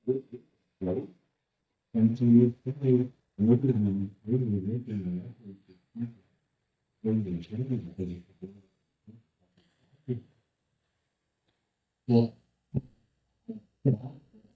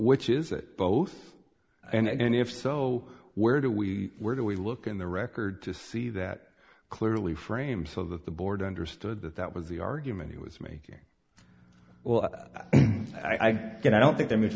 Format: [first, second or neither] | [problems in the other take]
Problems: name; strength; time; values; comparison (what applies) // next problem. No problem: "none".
second | noise reduction (neural mask model DeepFilterNet 3)